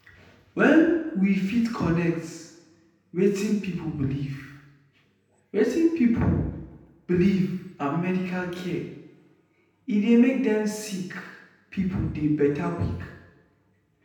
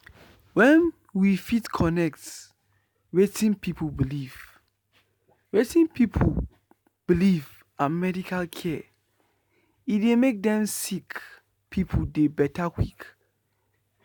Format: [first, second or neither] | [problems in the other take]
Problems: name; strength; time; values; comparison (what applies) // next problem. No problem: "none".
second | room echo; dies away in 0.9 s